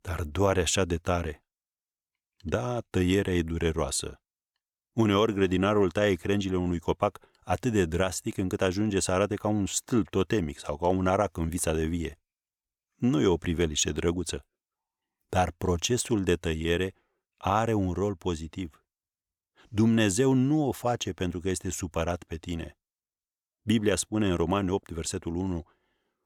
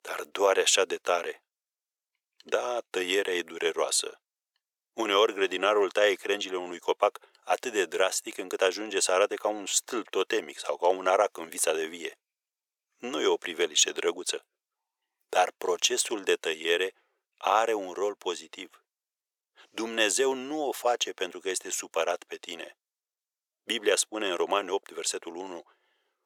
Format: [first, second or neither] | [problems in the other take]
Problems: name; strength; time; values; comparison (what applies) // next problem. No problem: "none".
first | thin; very; fading below 450 Hz